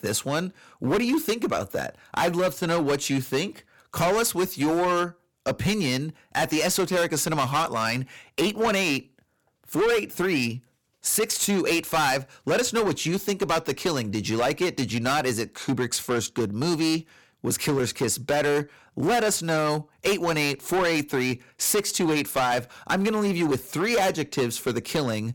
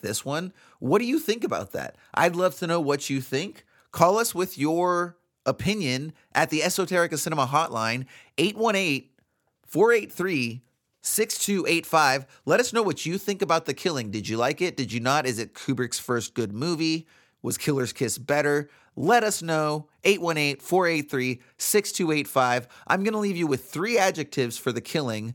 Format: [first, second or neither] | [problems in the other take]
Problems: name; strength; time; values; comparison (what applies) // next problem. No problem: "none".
second | distortion; heavy; 13% of the sound clipped